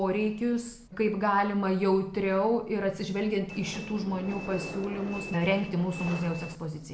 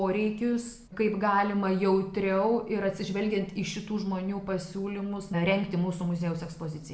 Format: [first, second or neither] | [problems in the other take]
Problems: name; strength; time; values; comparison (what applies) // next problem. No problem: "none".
second | background sound (Train); 11 dB below the speech